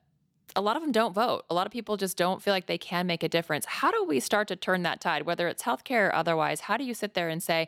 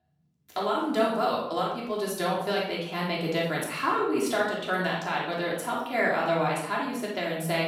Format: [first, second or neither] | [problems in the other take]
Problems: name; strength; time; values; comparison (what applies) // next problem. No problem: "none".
first | off-mic speech; far // room echo; noticeable; dies away in 0.7 s